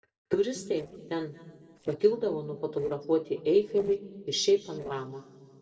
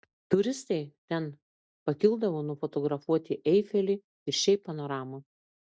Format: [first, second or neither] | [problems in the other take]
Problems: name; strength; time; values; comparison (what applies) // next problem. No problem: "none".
second | noise reduction (neural separator model SepFormer DNS4)